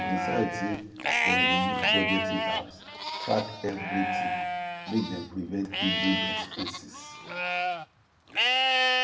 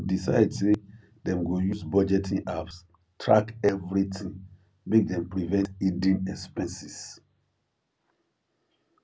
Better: second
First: background sound (Livestock, farm animals, working animals); 4 dB above the speech // room echo; dies away in 0.7 s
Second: none

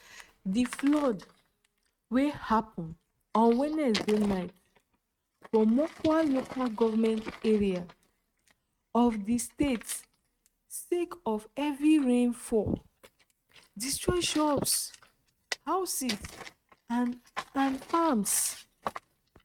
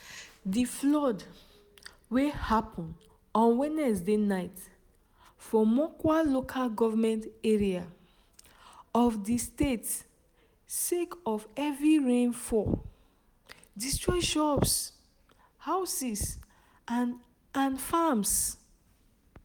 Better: second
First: noise reduction (neural mask model RNNoise)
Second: none

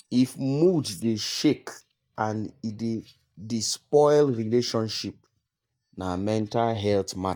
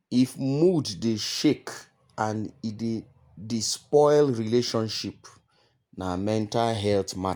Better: second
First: noise reduction (neural mask model DeepFilterNet 3)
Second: none

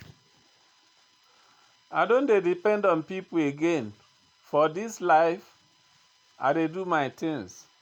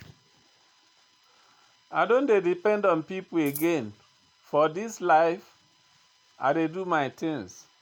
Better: first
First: none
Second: background sound (Scissors); 11 dB below the speech

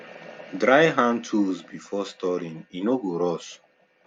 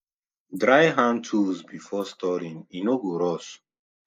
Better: first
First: none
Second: noise reduction (neural mask model Resemble Enhance denoiser)

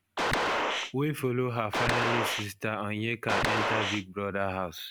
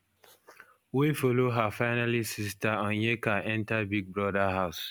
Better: second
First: background sound (Gunshot, gunfire); 2 dB above the speech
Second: none

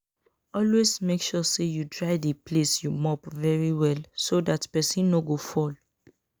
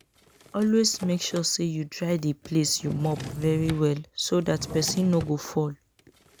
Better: first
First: none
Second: background sound (Drawer open or close); 15 dB below the speech

